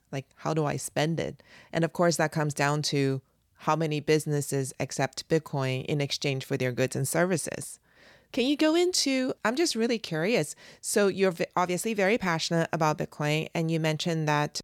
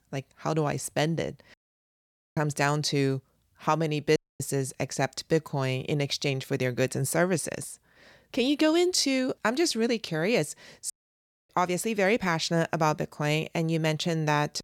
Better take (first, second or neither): first